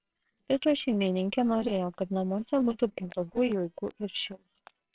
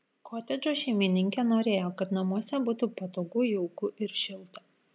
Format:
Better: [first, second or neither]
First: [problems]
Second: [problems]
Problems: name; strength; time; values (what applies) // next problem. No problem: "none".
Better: second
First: noise reduction (neural separator model SepFormer WHAMR!)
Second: none